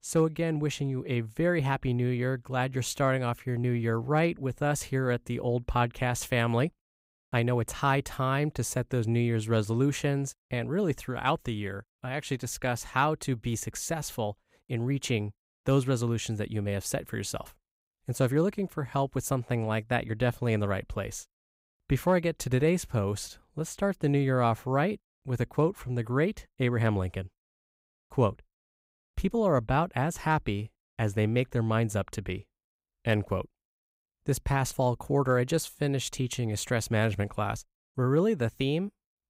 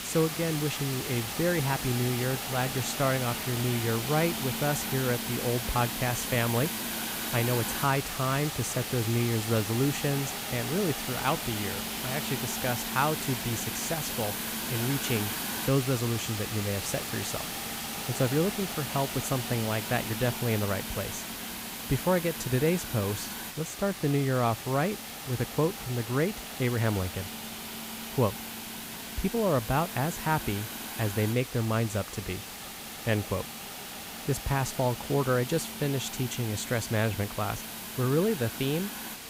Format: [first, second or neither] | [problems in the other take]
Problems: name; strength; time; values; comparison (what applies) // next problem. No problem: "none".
first | hiss; loud; throughout; 4 dB below the speech